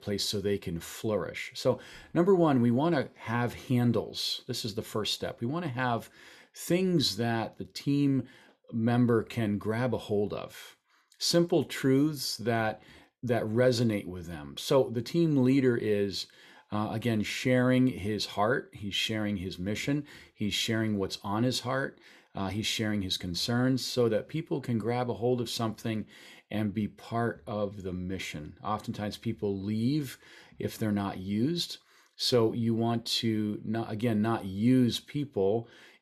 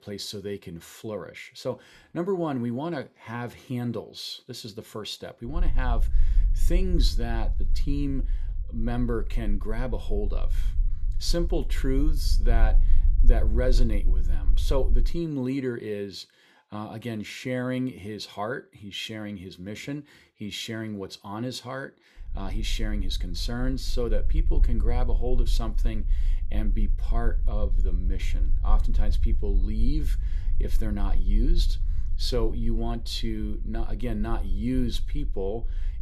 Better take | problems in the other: first | low rumble; noticeable; from 5.5 to 15 s and from 22 s on; 20 dB below the speech

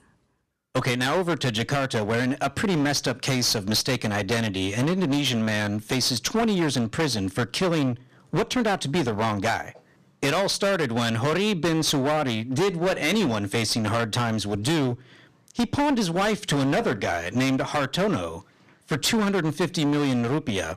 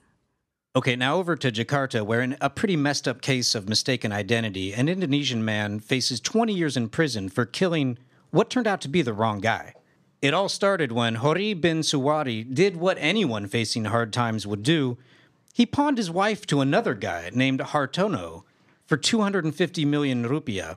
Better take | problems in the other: second | distortion; heavy; 20% of the sound clipped

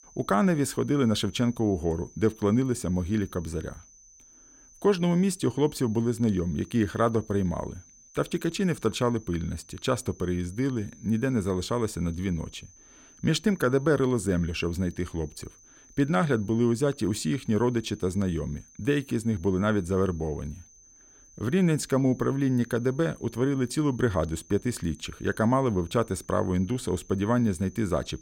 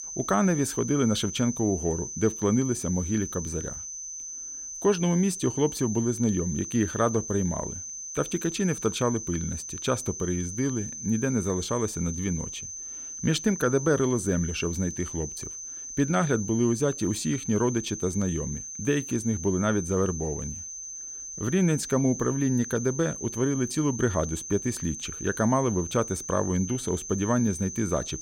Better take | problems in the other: first | high-pitched whine; loud; throughout; 6 kHz, 8 dB below the speech; faint in the first

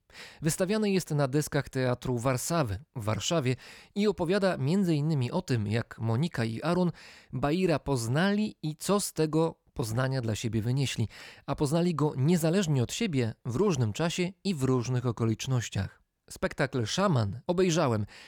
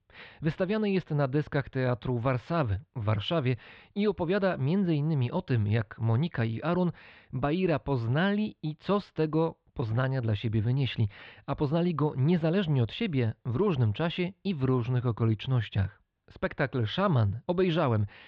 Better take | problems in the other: first | muffled; very; fading above 3.5 kHz

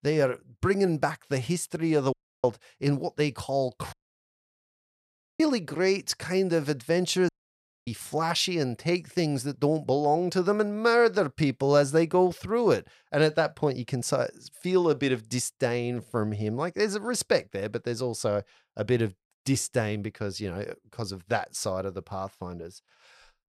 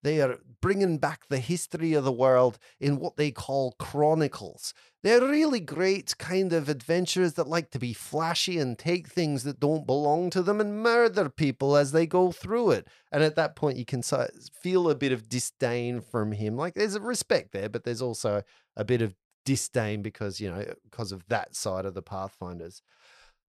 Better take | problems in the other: second | audio cutting out; at 2 s, at 4 s for 1.5 s and at 7.5 s for 0.5 s

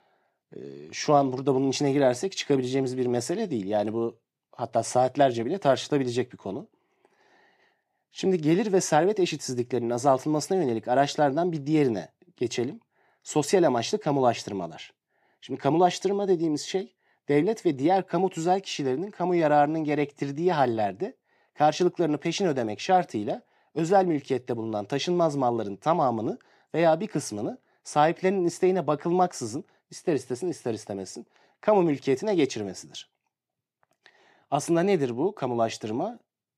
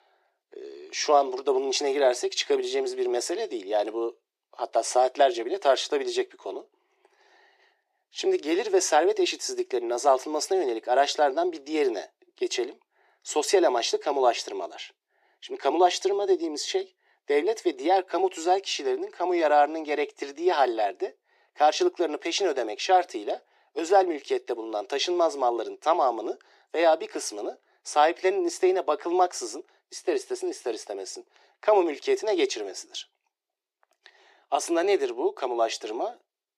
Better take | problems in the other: first | thin; very; fading below 350 Hz

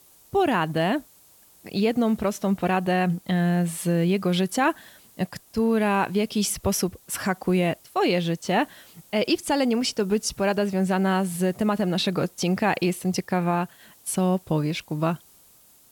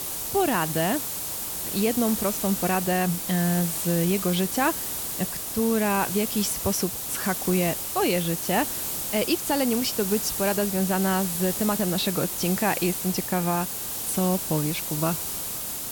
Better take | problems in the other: first | hiss; loud; throughout; 2 dB below the speech; faint in the first

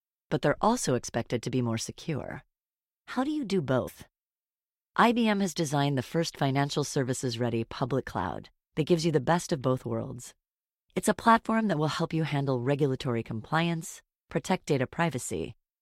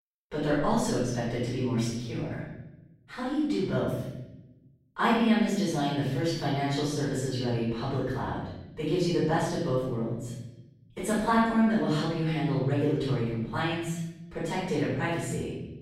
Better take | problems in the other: first | off-mic speech; far // room echo; strong; dies away in 0.9 s

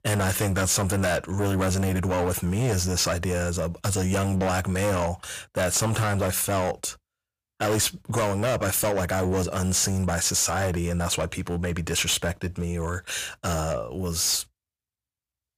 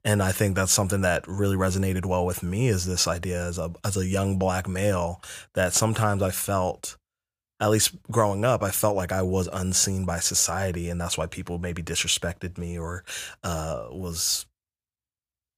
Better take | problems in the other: second | distortion; heavy; 16% of the sound clipped

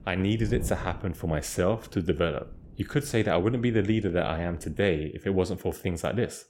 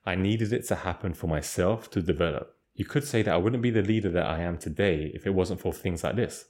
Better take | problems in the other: second | wind noise on the microphone; occasional gusts; until 5 s; 25 dB below the speech

